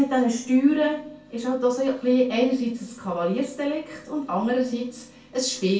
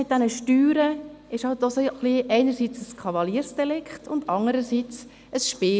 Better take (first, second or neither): second